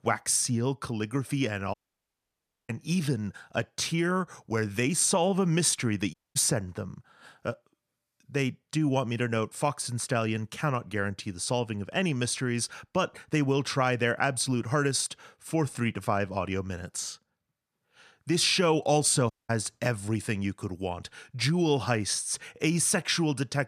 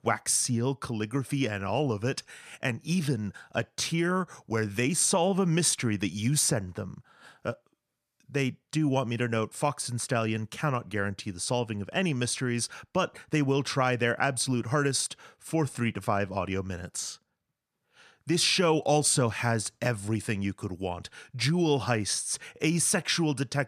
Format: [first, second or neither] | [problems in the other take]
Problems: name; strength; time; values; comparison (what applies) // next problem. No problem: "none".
second | audio cutting out; at 1.5 s for 1 s, at 6 s and at 19 s